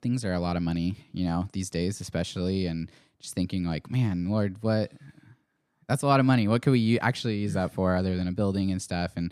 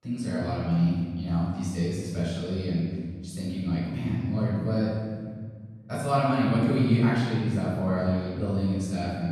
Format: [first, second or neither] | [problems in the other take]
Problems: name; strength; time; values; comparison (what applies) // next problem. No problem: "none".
first | room echo; strong; dies away in 2 s // off-mic speech; far